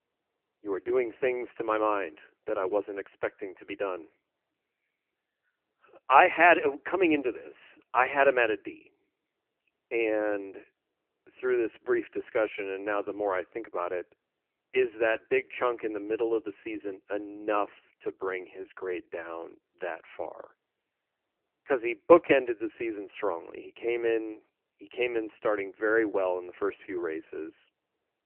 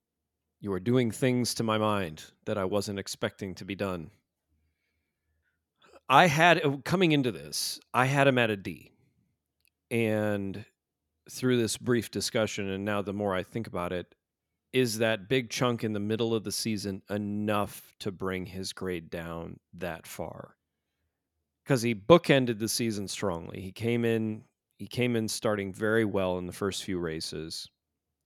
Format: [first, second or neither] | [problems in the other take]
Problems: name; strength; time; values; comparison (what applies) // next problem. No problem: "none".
second | phone-call audio; poor line; nothing above 3 kHz